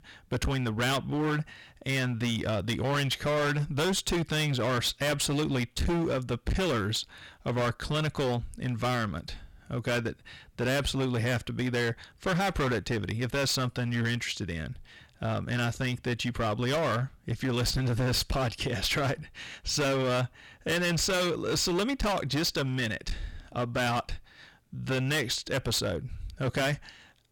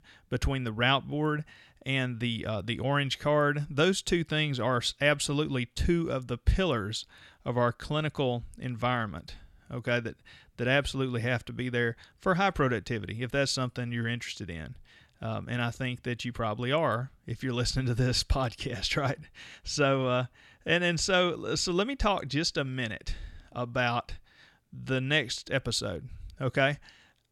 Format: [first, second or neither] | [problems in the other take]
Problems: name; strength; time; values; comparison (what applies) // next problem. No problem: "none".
second | distortion; heavy; 20% of the sound clipped